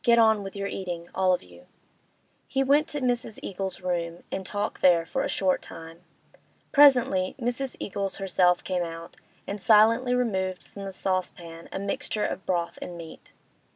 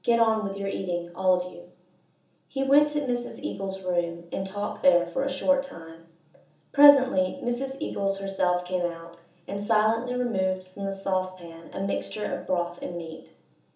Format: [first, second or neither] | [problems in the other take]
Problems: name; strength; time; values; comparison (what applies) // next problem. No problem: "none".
first | room echo; dies away in 1.2 s